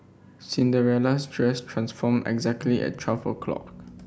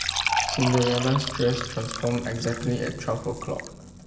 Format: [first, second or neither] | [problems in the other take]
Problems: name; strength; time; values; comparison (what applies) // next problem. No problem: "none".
first | background sound (Fill (with liquid) / Trickle, dribble); 4 dB below the speech // room echo; dies away in 1 s